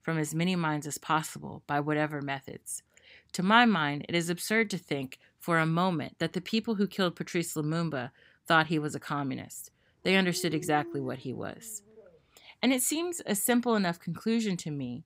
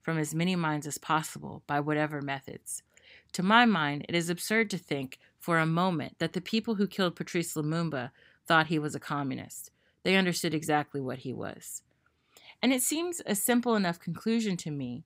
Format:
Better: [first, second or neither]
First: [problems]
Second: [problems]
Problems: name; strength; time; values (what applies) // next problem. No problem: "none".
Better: second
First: dog barking; faint; from 10 to 12 s; peak 15 dB below the speech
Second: none